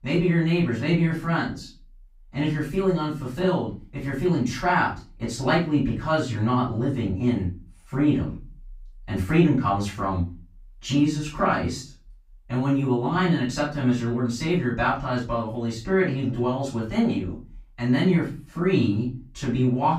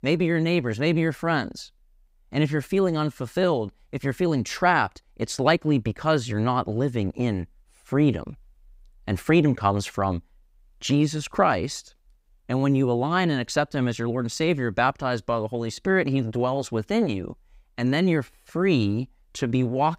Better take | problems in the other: second | room echo; slight; dies away in 0.3 s // off-mic speech; far

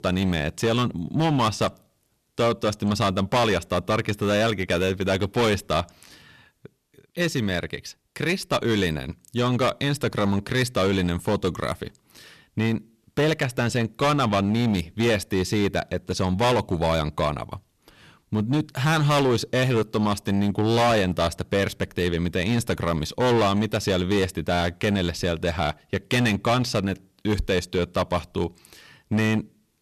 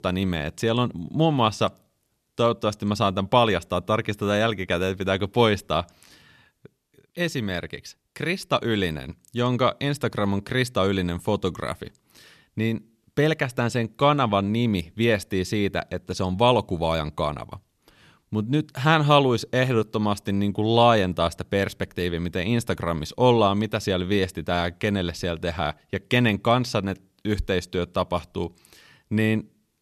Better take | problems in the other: second | distortion; heavy; 10% of the sound clipped

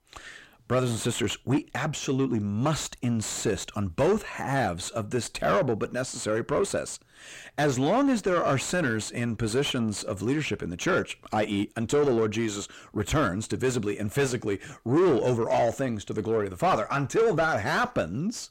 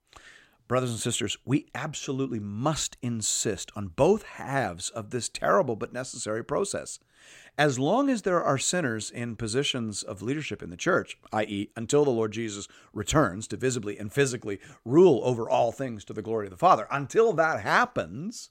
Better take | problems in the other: second | distortion; heavy; 6 dB below the speech

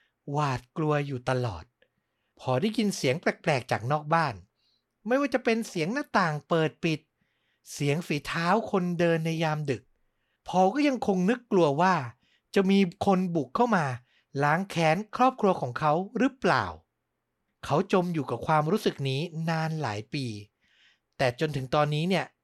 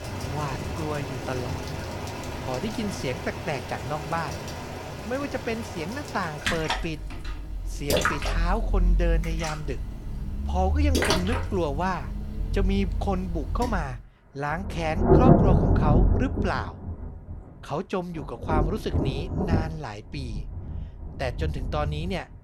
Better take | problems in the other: first | rain or running water; very loud; throughout; 3 dB above the speech

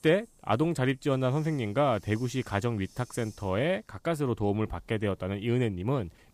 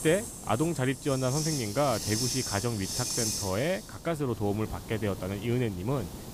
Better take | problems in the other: first | hiss; loud; throughout; 4 dB below the speech; faint in the first

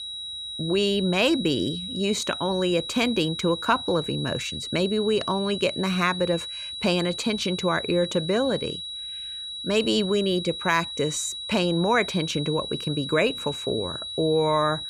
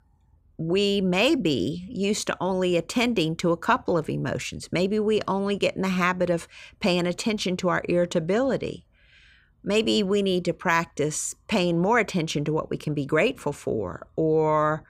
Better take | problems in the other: second | high-pitched whine; loud; throughout; 4 kHz, 7 dB below the speech

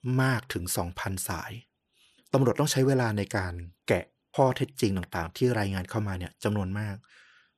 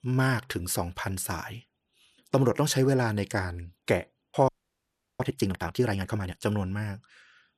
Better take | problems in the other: first | audio freezing; at 4.5 s for 0.5 s

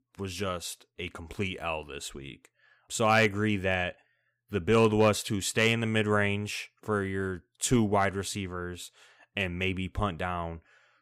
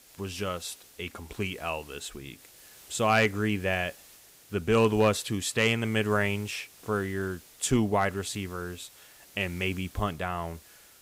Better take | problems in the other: first | hiss; faint; throughout; 20 dB below the speech

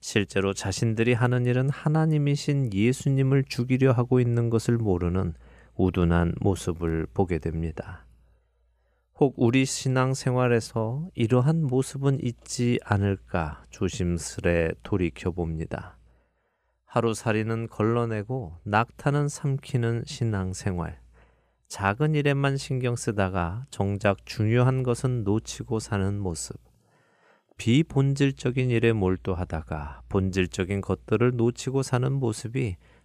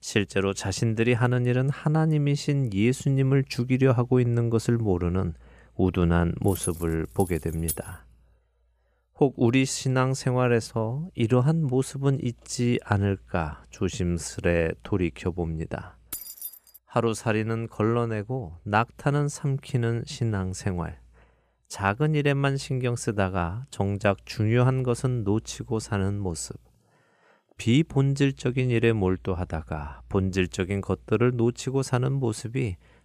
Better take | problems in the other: first | jangling keys; noticeable; from 6.5 to 8 s and at 16 s; peak 7 dB below the speech

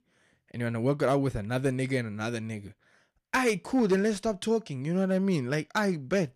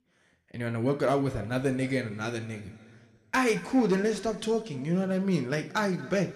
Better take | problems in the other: first | room echo; very slight; dies away in 1.5 s

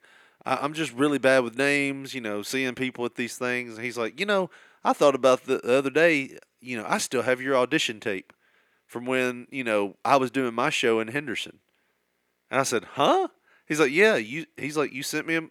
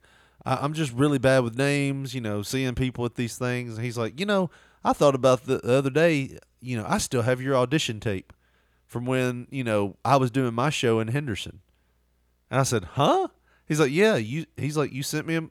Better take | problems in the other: second | thin; very slightly; fading below 300 Hz

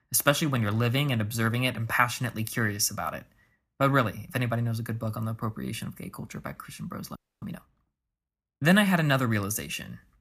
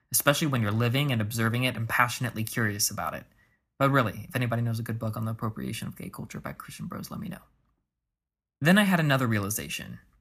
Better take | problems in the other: second | audio freezing; at 7 s

